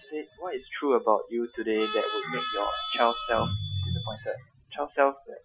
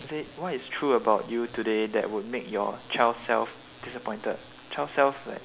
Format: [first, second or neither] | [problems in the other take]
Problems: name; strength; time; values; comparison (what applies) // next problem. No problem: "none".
second | noise reduction (classical method Wiener filter)